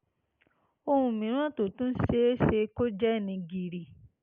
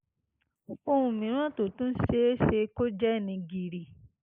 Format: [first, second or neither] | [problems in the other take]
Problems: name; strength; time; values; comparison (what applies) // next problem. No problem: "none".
first | noise reduction (neural mask model Resemble Enhance denoiser)